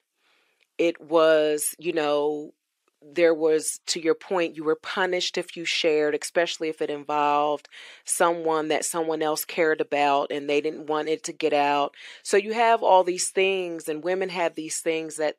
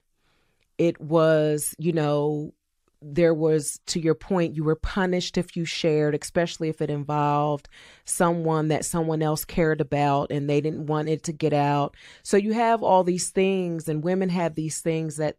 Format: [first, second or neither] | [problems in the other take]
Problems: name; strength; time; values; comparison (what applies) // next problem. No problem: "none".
second | thin; somewhat; fading below 350 Hz